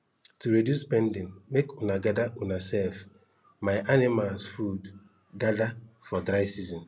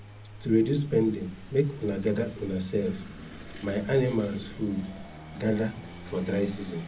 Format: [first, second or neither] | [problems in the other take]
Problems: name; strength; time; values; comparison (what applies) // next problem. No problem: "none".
first | background sound (Engine / Vehicle); 15 dB below the speech // room echo; dies away in 0.4 s